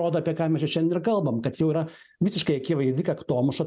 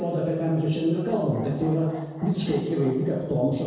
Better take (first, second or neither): first